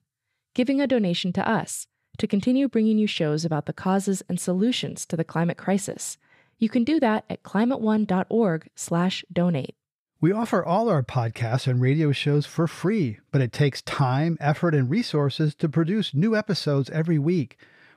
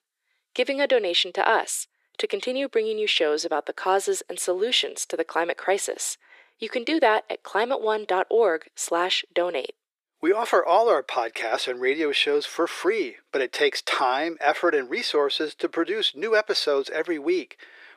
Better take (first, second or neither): first